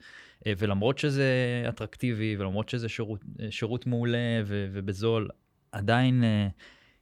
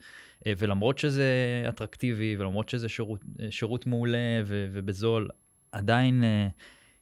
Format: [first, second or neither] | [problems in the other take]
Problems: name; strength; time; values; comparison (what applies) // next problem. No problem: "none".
first | high-pitched whine; faint; throughout; 11 kHz, 35 dB below the speech